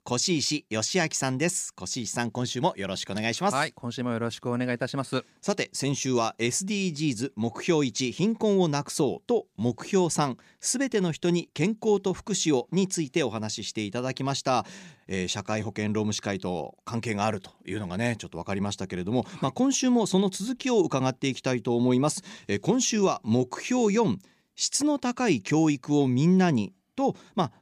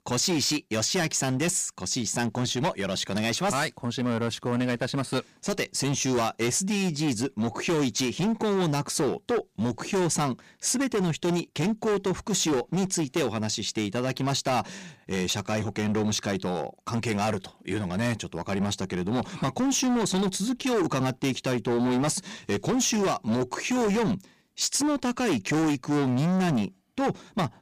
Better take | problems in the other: first | distortion; heavy; 18% of the sound clipped

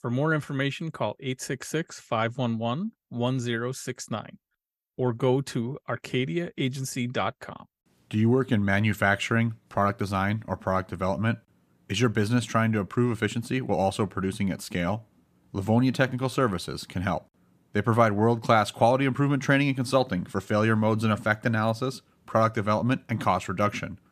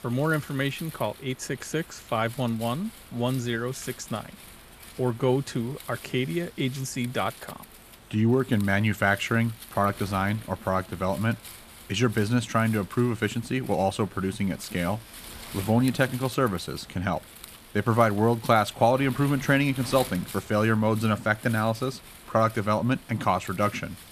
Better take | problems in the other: first | wind noise on the microphone; occasional gusts; 20 dB below the speech

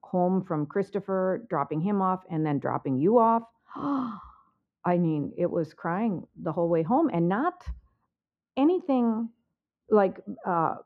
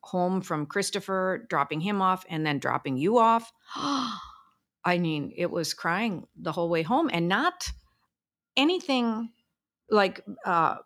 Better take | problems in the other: second | muffled; very; fading above 2 kHz

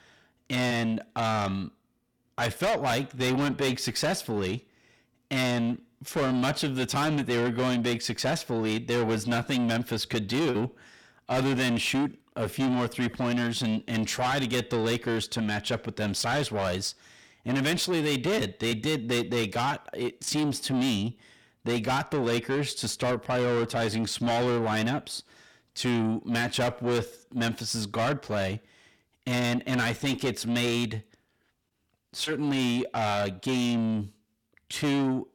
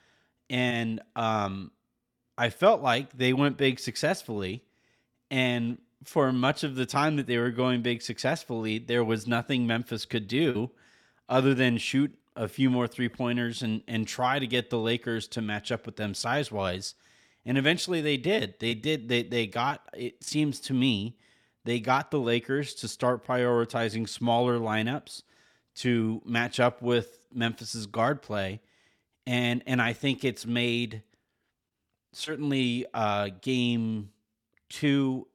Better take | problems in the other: second | distortion; heavy; 6 dB below the speech

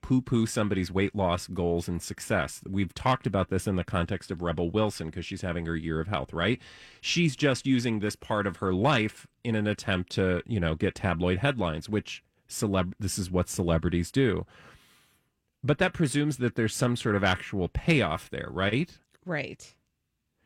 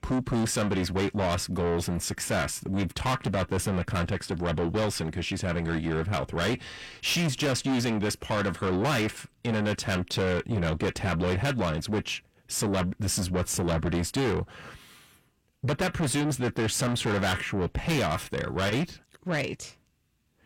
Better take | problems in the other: first | distortion; heavy; 5 dB below the speech

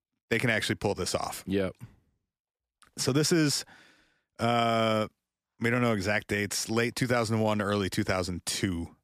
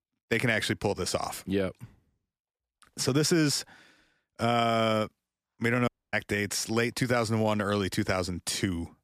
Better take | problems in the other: first | audio cutting out; at 6 s

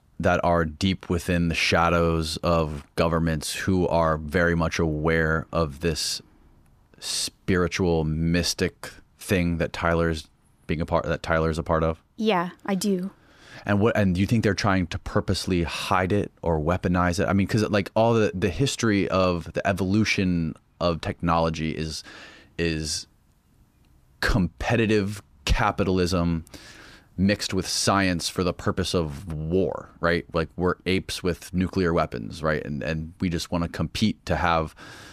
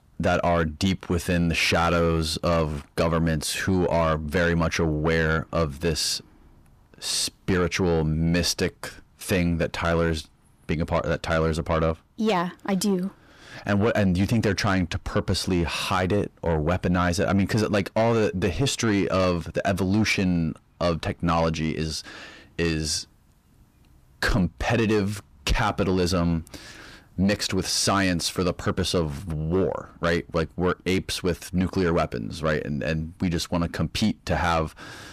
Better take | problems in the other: first | distortion; slight; 10 dB below the speech

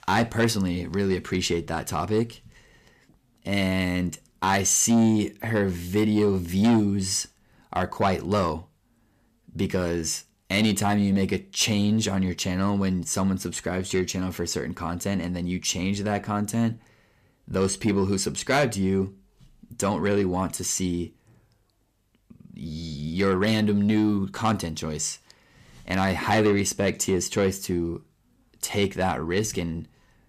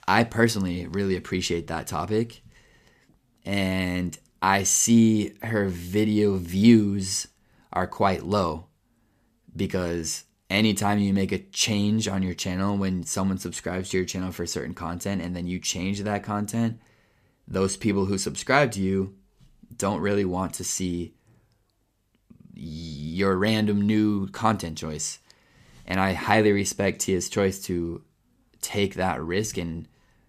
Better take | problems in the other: second | distortion; slight; 10 dB below the speech

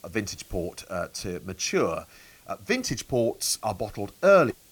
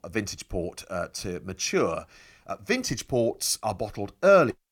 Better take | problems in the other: second | hiss; faint; throughout; 25 dB below the speech

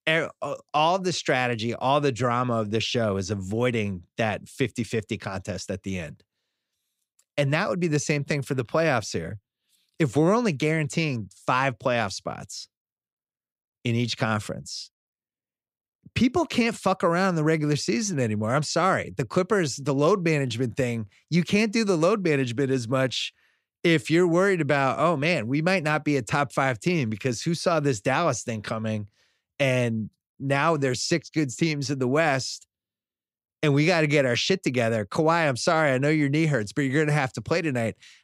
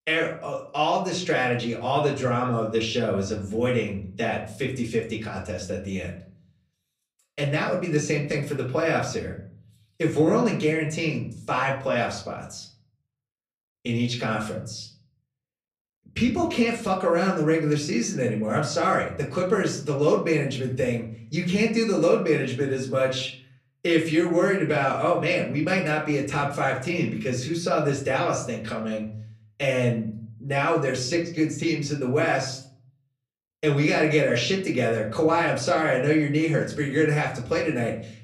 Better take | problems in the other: first | room echo; slight; dies away in 0.4 s // off-mic speech; far

